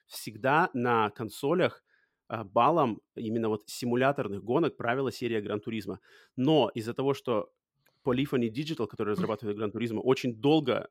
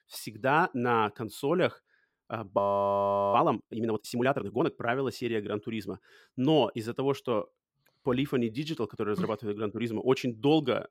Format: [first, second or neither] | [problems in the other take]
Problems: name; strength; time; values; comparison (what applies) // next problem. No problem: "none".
first | audio freezing; at 2.5 s for 1 s